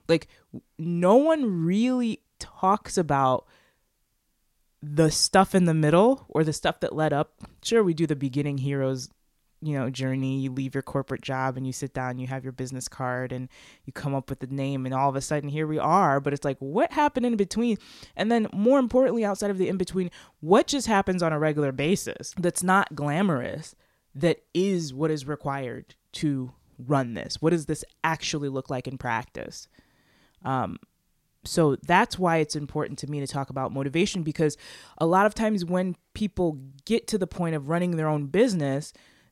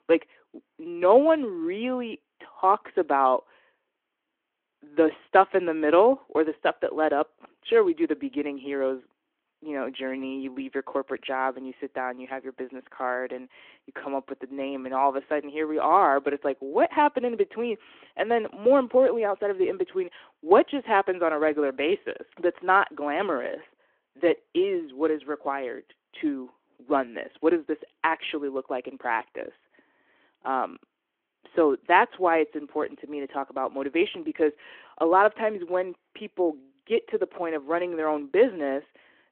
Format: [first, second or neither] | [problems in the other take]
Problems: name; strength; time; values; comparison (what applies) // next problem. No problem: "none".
first | phone-call audio